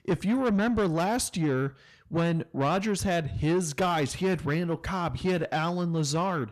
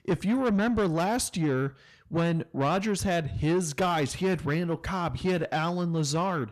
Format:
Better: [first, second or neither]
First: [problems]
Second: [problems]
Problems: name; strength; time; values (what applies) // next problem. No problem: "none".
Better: neither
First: distortion; slight; 10 dB below the speech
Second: distortion; slight; 10 dB below the speech